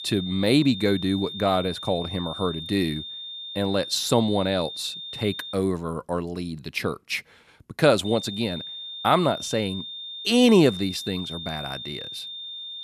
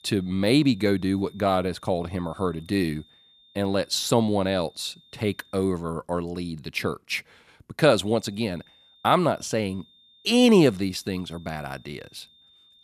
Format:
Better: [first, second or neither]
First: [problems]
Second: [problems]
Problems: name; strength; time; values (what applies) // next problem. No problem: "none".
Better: second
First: high-pitched whine; loud; until 5.5 s and from 8 s on; 3.5 kHz, 9 dB below the speech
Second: high-pitched whine; faint; until 5.5 s and from 8 s on; 3.5 kHz, 30 dB below the speech